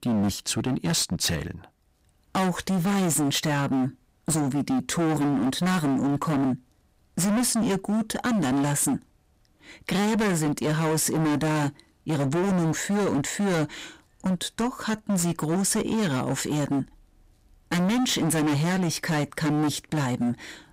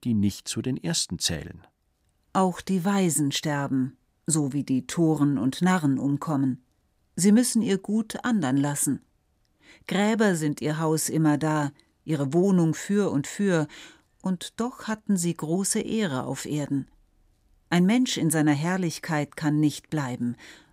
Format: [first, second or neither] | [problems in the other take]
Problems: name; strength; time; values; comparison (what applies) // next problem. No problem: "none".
second | distortion; heavy; 28% of the sound clipped